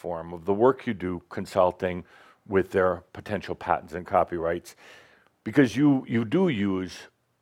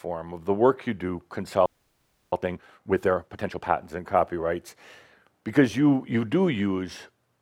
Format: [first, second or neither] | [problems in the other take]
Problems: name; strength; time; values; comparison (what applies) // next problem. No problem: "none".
first | audio freezing; at 1.5 s for 0.5 s